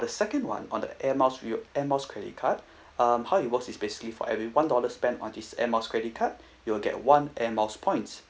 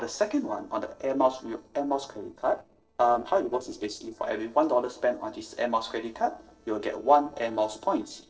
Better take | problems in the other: first | noise reduction (neural separator model SepFormer DNS4)

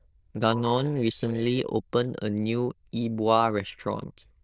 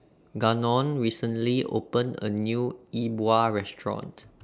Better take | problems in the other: second | noise reduction (neural diffusion model UNIVERSE++)

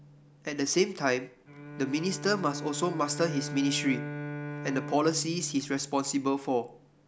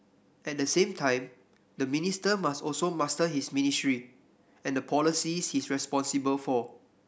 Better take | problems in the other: second | background sound (Bowed string instrument); 10 dB below the speech

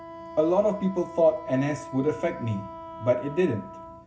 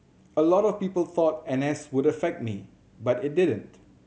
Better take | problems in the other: second | background sound (Wind instrument, woodwind instrument); 14 dB below the speech // room echo; dies away in 0.4 s

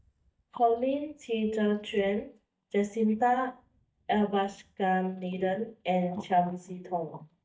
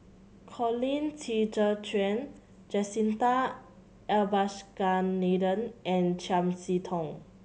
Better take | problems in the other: second | noise reduction (neural mask model DeepFilterNet 3)

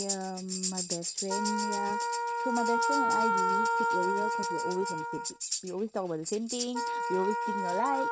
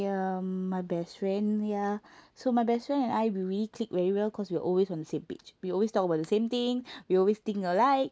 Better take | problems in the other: second | noise reduction (neural mask model RNNoise)

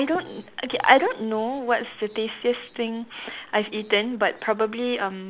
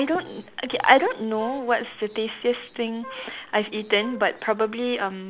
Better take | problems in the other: first | background sound (Wind instrument, woodwind instrument); 19 dB below the speech

